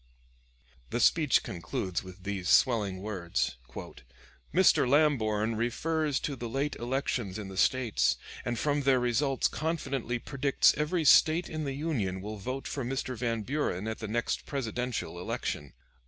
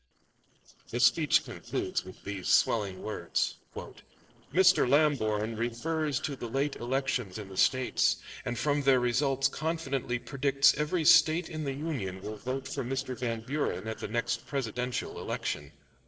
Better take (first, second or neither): first